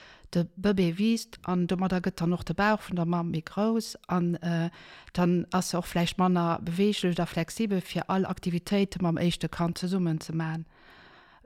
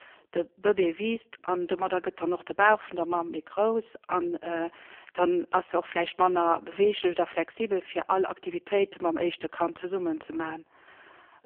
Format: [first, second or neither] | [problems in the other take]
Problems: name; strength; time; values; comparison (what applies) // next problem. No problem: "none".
first | phone-call audio; poor line; nothing above 3.5 kHz